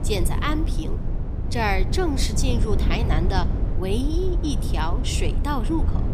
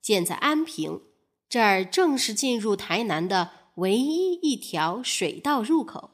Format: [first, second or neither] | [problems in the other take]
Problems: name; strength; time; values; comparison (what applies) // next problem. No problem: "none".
second | low rumble; loud; throughout; 9 dB below the speech